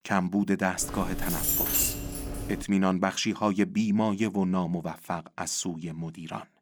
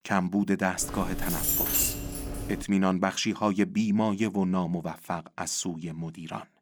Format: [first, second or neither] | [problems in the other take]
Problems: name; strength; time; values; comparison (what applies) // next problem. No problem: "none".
neither | jangling keys; loud; from 1 to 2.5 s; peak 6 dB above the speech; the same in both